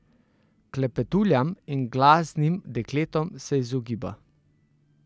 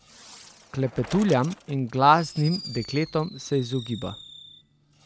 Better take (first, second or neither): first